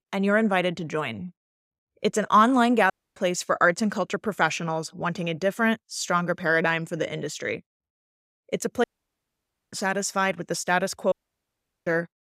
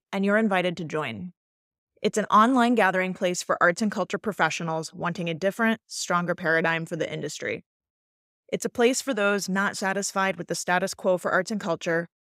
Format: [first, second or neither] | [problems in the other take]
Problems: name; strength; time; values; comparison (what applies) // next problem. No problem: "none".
second | audio cutting out; at 3 s, at 9 s for 1 s and at 11 s for 0.5 s